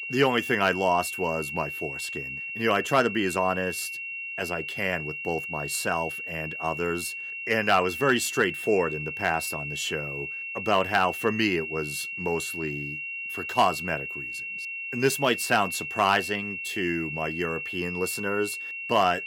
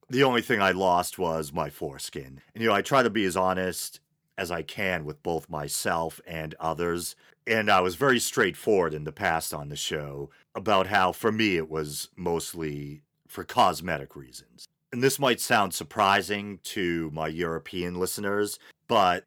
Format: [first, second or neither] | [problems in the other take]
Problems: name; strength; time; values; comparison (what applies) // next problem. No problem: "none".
second | high-pitched whine; loud; throughout; 2.5 kHz, 5 dB below the speech